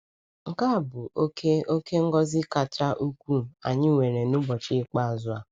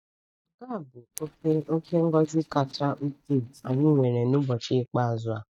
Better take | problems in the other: first | noise reduction (neural mask model DeepFilterNet 3)

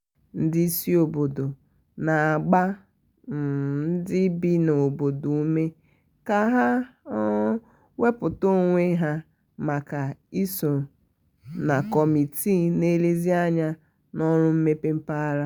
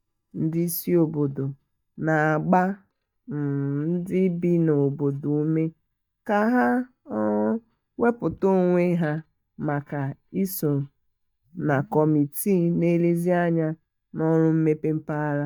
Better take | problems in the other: first | noise reduction (neural mask model DeepFilterNet 3)

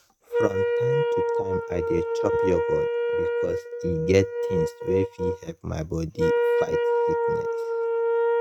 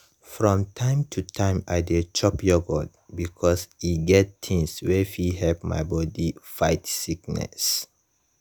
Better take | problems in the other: second | noise reduction (neural mask model RNNoise)

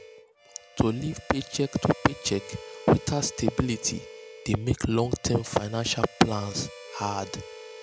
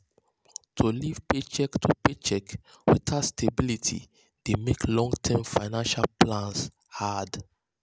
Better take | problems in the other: second | background sound (Harmonica); 17 dB below the speech

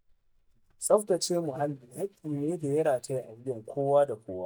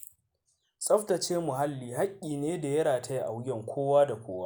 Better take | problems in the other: second | noise reduction (neural mask model DeepFilterNet 3)

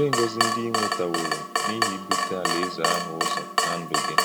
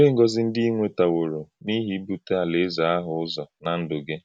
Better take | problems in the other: second | background sound (Drip / Water tap, faucet); 4 dB above the speech

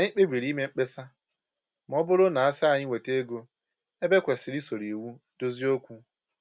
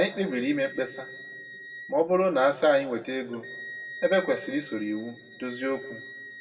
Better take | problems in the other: first | background sound (Wind instrument, woodwind instrument); 16 dB below the speech // room echo; dies away in 1.3 s

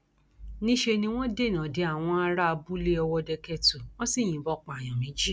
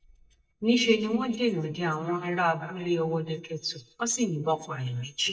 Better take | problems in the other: first | noise reduction (neural mask model DeepFilterNet 3)

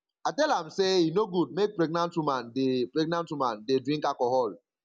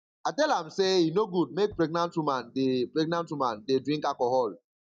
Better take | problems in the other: first | noise reduction (neural mask model DeepFilterNet 3)

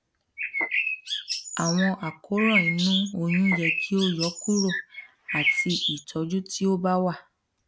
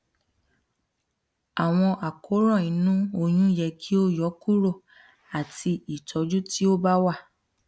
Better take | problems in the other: second | background sound (Bird); 2 dB below the speech

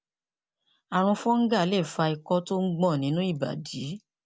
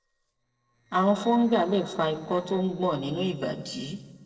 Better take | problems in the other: first | noise reduction (neural separator model SepFormer DNS4)

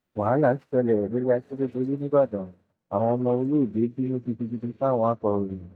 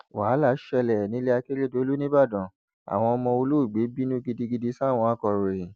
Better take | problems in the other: second | noise reduction (neural mask model DeepFilterNet 3)

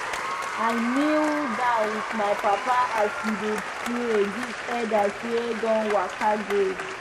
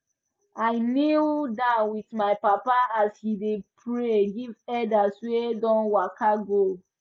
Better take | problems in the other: second | background sound (Applause); 5 dB below the speech

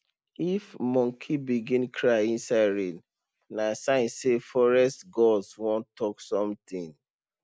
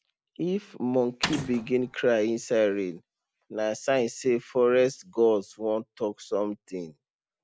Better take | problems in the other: first | background sound (Mechanisms); 6 dB below the speech

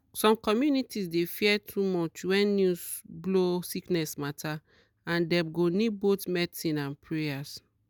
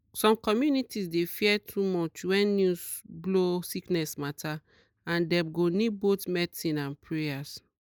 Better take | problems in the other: first | noise reduction (neural mask model Resemble Enhance denoiser)

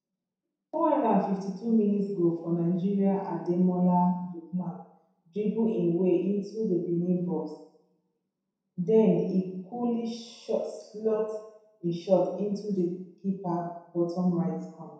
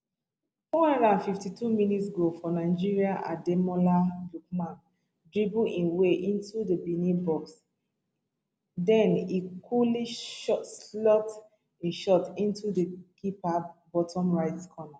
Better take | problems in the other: second | room echo; dies away in 0.7 s

